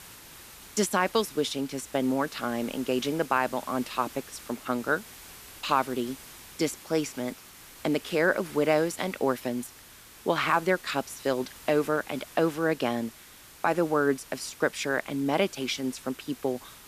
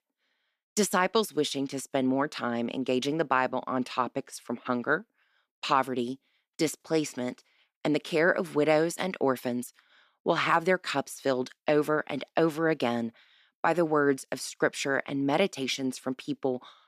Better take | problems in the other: second | hiss; noticeable; throughout; 15 dB below the speech

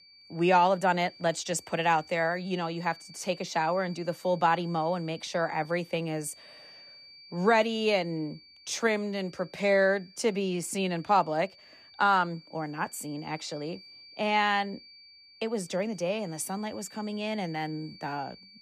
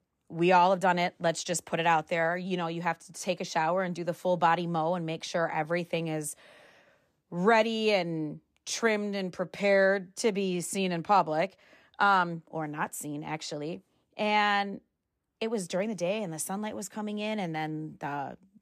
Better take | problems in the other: second | high-pitched whine; faint; throughout; 4.5 kHz, 20 dB below the speech

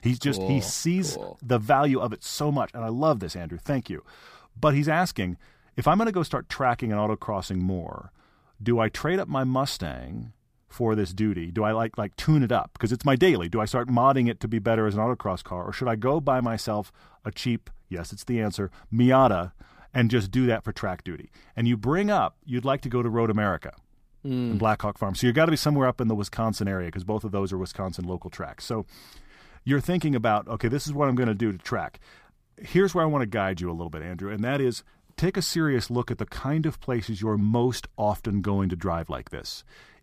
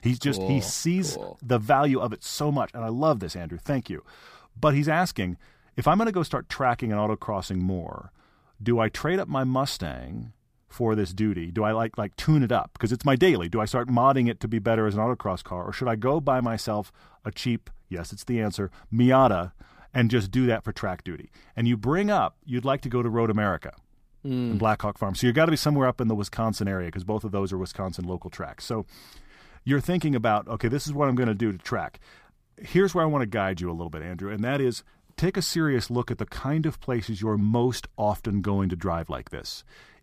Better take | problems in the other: neither | none

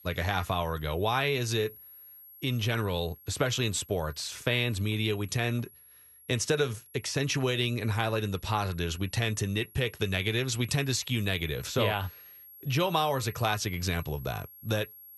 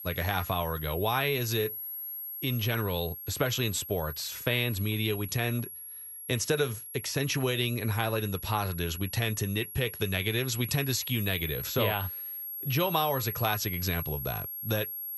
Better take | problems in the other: first | high-pitched whine; loud; throughout; 11.5 kHz, 7 dB below the speech; faint in the first

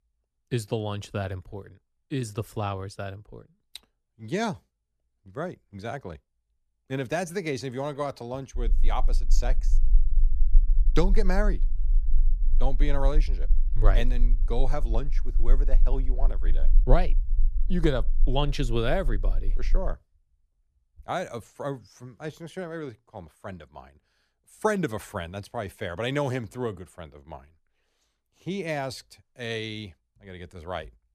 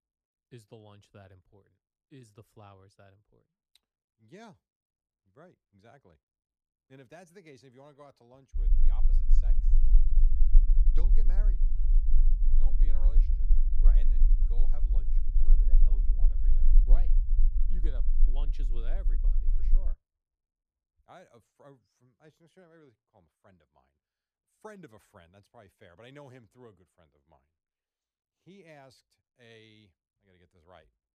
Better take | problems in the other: first | low rumble; loud; from 8.5 to 20 s; 2 dB below the speech; faint in the first

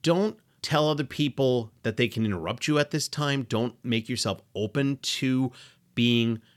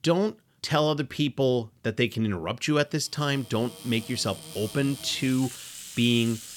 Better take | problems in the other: first | household noises; noticeable; from 3.5 s on; 15 dB below the speech

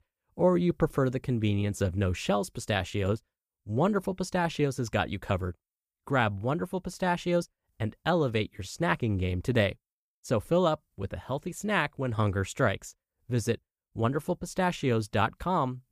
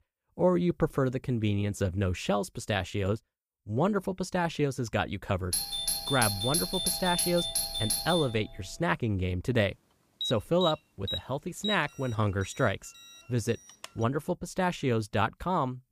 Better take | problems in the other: first | doorbell; loud; from 5.5 to 9 s; peak 3 dB above the speech // alarm; noticeable; from 10 to 14 s; peak 4 dB below the speech

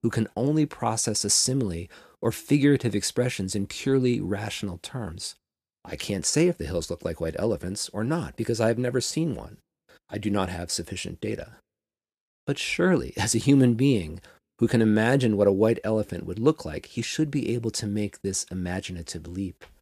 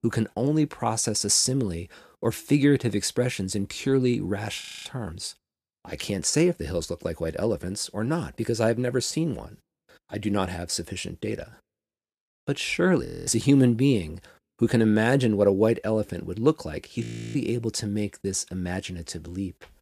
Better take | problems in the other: first | audio freezing; at 4.5 s, at 13 s and at 17 s

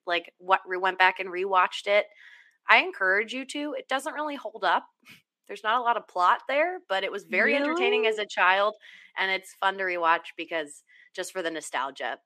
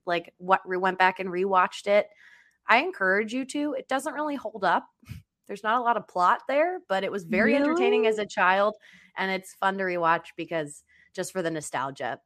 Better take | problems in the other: second | thin; very slightly; fading below 300 Hz

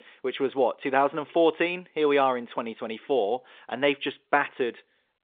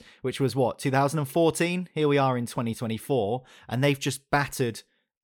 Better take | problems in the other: second | phone-call audio

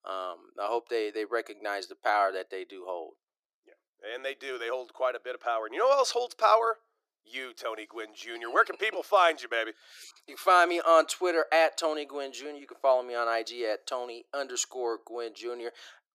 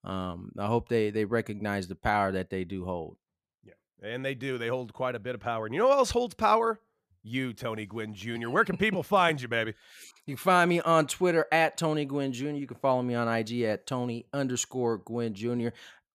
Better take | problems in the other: second | thin; very; fading below 350 Hz

